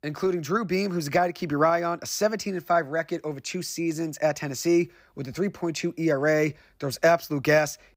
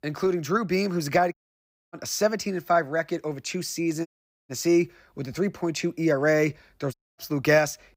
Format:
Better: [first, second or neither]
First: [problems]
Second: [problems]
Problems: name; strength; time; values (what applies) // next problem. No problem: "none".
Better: first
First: none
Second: audio cutting out; at 1.5 s for 0.5 s, at 4 s and at 7 s